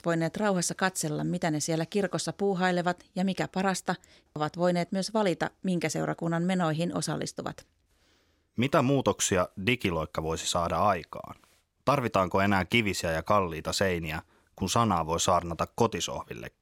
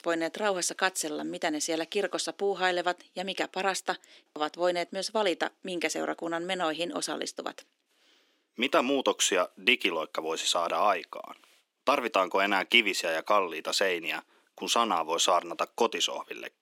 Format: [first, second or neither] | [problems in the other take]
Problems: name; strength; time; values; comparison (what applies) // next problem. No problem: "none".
first | thin; somewhat; fading below 250 Hz